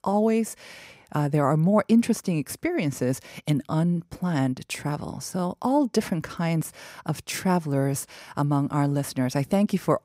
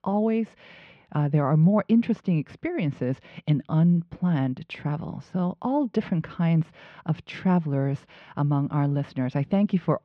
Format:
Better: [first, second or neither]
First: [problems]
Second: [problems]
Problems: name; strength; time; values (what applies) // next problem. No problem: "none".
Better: first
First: none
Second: muffled; very; fading above 3.5 kHz